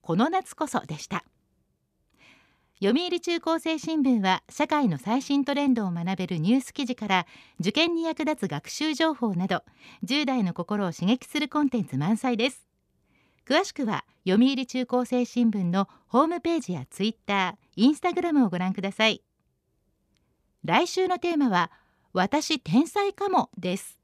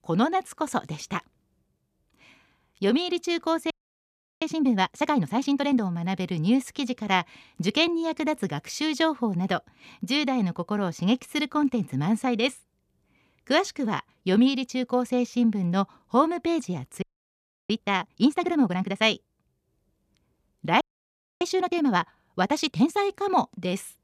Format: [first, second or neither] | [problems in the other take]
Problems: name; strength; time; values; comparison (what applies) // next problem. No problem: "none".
first | audio freezing; at 3.5 s for 0.5 s, at 17 s for 0.5 s and at 21 s for 0.5 s